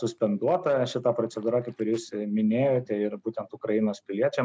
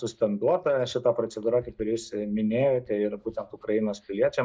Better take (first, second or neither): first